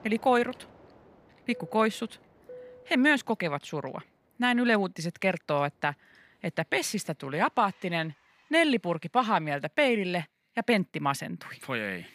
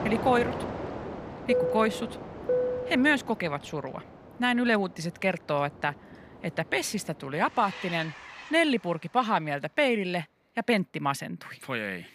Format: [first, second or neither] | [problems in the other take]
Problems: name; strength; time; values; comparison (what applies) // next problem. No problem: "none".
first | train or aircraft noise; loud; throughout; 5 dB below the speech; faint in the first